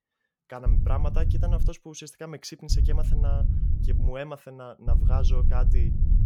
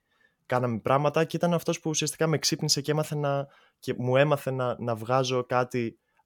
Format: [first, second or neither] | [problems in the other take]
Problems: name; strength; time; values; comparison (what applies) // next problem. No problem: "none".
second | low rumble; loud; from 0.5 to 1.5 s, from 2.5 to 4 s and from 5 s on; 5 dB below the speech